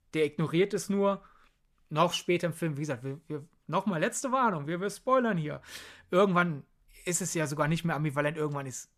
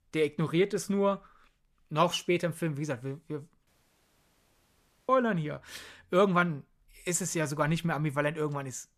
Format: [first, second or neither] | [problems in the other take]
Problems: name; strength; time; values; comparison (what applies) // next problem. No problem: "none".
first | audio cutting out; at 3.5 s for 1.5 s